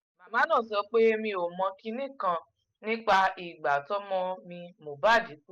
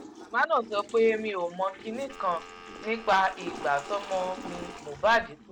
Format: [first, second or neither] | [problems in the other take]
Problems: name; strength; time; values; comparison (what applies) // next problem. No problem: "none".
first | background sound (Telephone + Toilet flush / Water); 14 dB below the speech